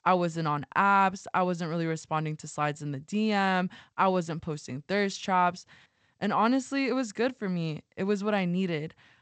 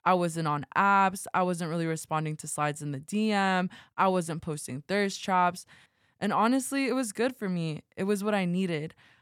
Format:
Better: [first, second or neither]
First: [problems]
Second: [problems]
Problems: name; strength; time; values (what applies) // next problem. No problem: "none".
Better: second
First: garbled, watery; slightly; nothing above 8 kHz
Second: none